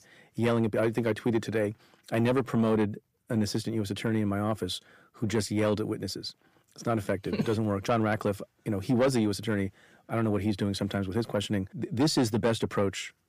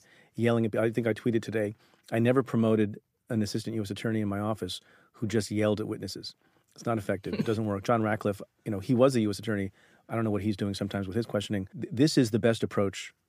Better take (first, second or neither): second